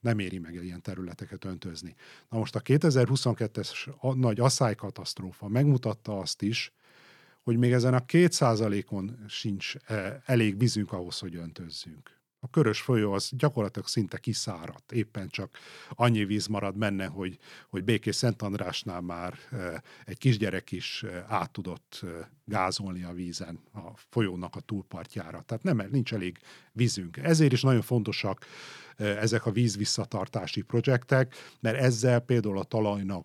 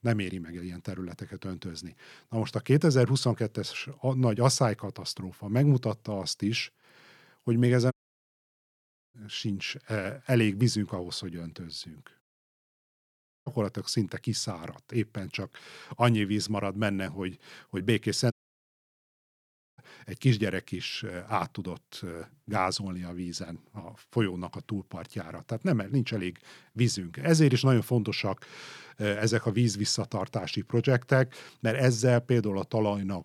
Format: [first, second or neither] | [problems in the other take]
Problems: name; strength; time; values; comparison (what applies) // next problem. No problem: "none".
first | audio cutting out; at 8 s for 1 s, at 12 s for 1 s and at 18 s for 1.5 s